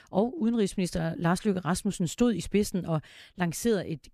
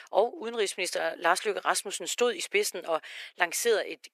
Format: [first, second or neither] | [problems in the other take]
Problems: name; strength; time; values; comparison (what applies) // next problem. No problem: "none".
first | thin; very; fading below 450 Hz